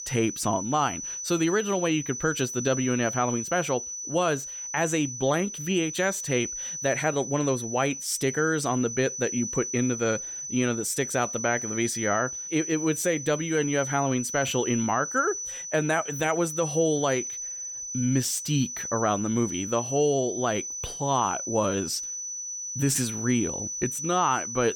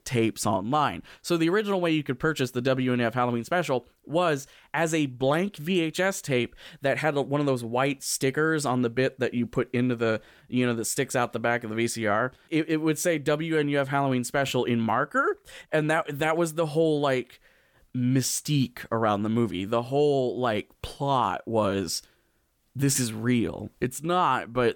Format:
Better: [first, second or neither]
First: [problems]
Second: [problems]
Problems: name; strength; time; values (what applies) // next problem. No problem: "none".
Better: second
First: high-pitched whine; loud; throughout; 6 kHz, 5 dB below the speech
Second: none